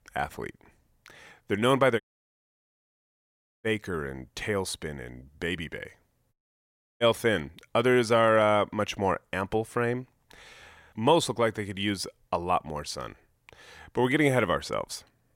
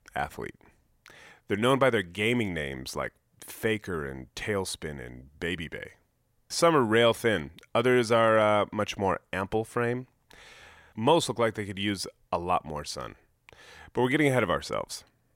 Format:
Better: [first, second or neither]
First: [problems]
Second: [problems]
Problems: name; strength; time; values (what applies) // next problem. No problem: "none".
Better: second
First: audio cutting out; at 2 s for 1.5 s and at 6.5 s for 0.5 s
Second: none